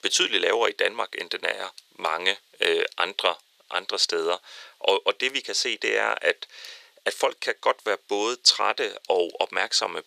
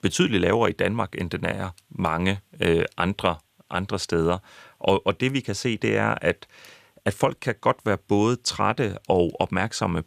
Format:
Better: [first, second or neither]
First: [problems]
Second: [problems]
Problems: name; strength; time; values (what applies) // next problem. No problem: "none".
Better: second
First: thin; very; fading below 450 Hz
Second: none